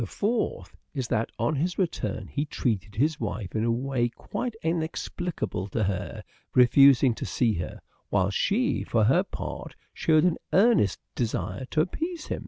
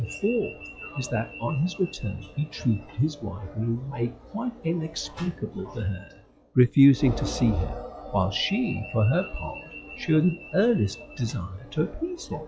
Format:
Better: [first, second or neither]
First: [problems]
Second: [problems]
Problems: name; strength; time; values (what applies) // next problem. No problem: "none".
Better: first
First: none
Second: noise reduction (classical method log-MMSE)